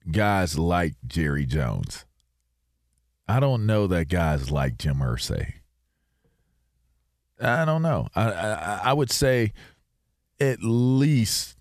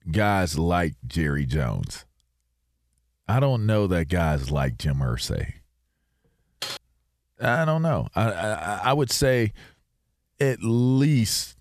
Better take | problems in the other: first | keyboard typing; noticeable; at 6.5 s; peak 9 dB below the speech

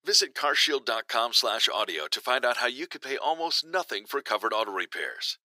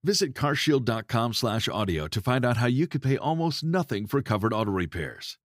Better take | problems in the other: second | thin; very; fading below 450 Hz

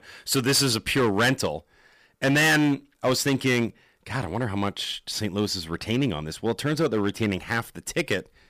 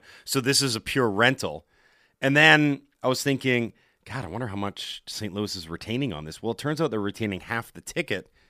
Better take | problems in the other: second | distortion; heavy; 7% of the sound clipped

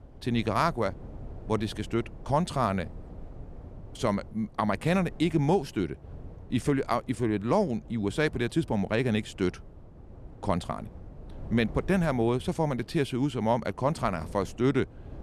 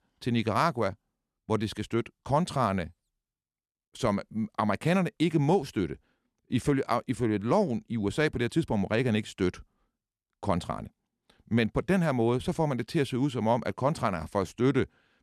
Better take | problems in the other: second | wind noise on the microphone; occasional gusts; 25 dB below the speech

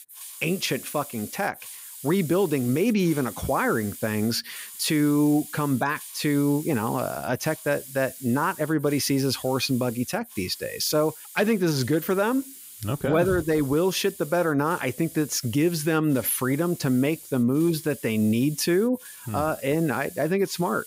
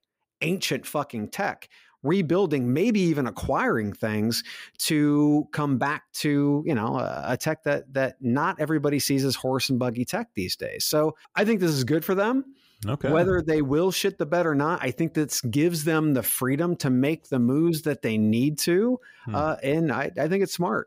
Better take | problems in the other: second | hiss; noticeable; throughout; 15 dB below the speech

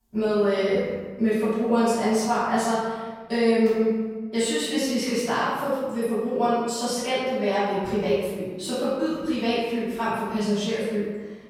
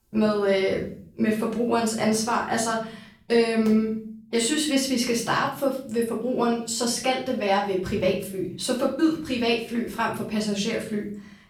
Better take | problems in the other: second | room echo; strong; dies away in 1.3 s; slight in the second // off-mic speech; far; far in the second

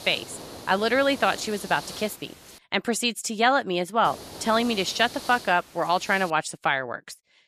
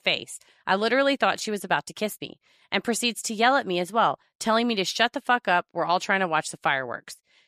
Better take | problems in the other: second | hiss; noticeable; until 2.5 s and from 4 to 6.5 s; 15 dB below the speech

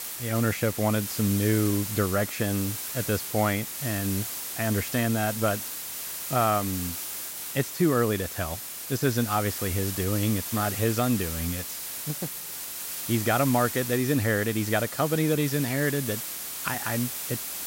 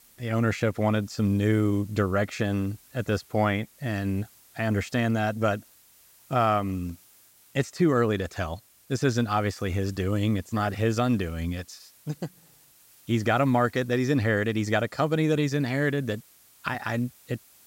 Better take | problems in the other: second | hiss; loud; throughout; 5 dB below the speech; faint in the second

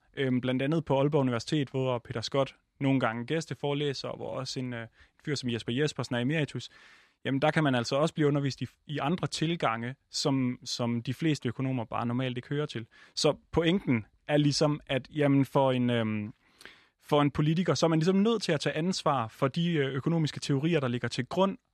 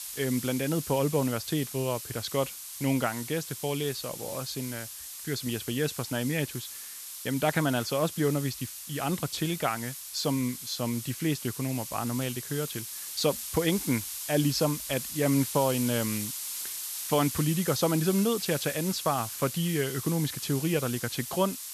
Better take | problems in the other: first | hiss; loud; throughout; 6 dB below the speech

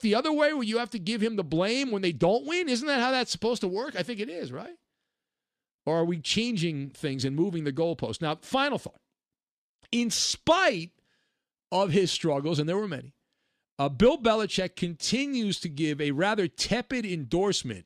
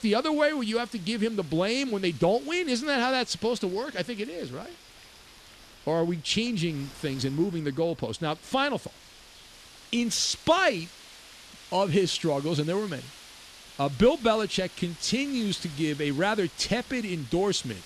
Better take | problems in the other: first | wind noise on the microphone; occasional gusts; 20 dB below the speech

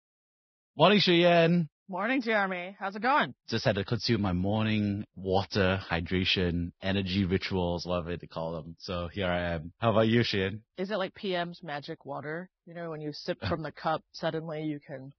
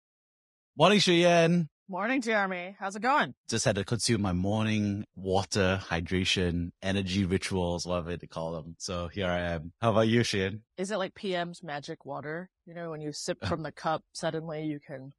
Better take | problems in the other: second | garbled, watery; badly; nothing above 5.5 kHz; slightly in the second

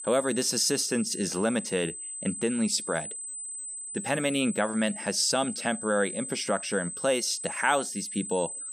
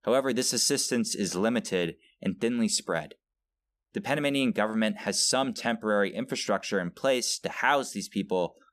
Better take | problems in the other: second | high-pitched whine; loud; throughout; 8 kHz, 7 dB below the speech

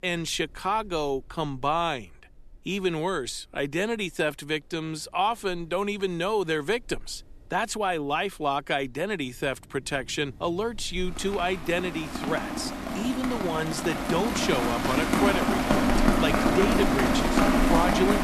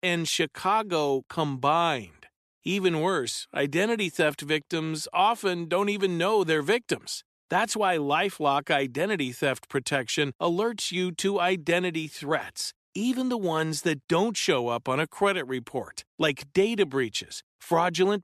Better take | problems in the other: second | rain or running water; very loud; throughout; 3 dB above the speech

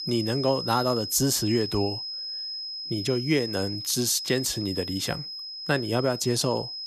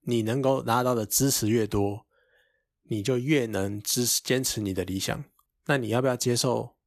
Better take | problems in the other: second | high-pitched whine; loud; throughout; 5 kHz, 6 dB below the speech

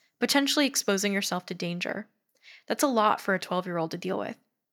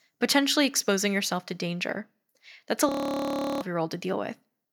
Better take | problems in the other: first | audio freezing; at 3 s for 0.5 s

